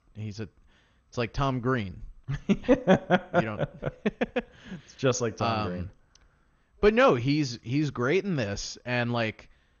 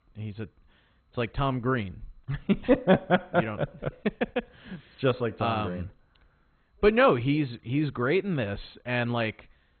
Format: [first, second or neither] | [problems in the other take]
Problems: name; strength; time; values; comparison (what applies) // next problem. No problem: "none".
first | garbled, watery; badly; nothing above 4 kHz; slightly in the first